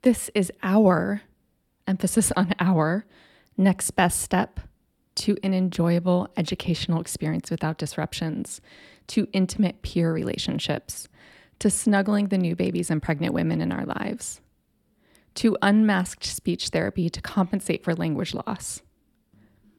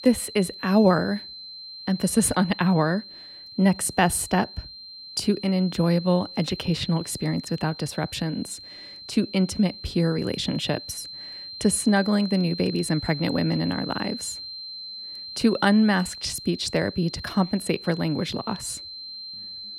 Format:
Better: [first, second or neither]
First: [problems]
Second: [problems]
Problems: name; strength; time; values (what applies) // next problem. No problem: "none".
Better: first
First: none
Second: high-pitched whine; noticeable; throughout; 4 kHz, 10 dB below the speech